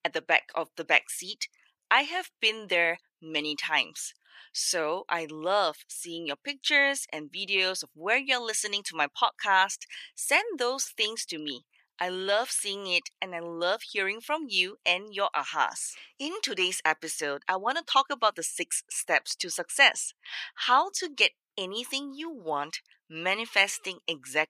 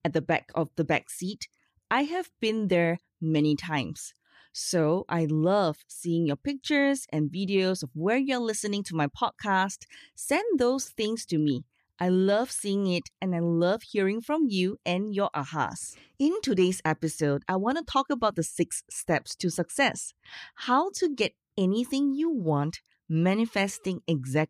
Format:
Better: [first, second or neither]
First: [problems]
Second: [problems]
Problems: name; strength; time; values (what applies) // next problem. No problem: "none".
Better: second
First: thin; very; fading below 750 Hz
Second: none